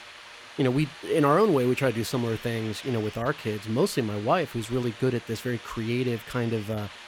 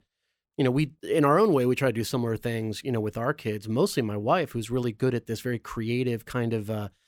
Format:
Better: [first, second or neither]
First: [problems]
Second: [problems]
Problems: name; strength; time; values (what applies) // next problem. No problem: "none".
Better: second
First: hiss; noticeable; throughout; 15 dB below the speech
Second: none